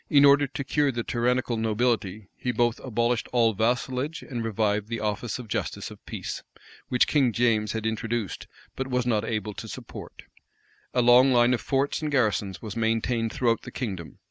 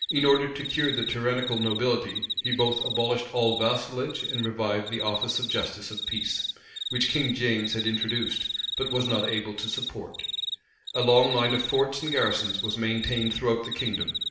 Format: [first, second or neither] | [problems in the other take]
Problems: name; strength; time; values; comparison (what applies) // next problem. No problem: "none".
first | background sound (Cricket); 4 dB below the speech // room echo; dies away in 0.7 s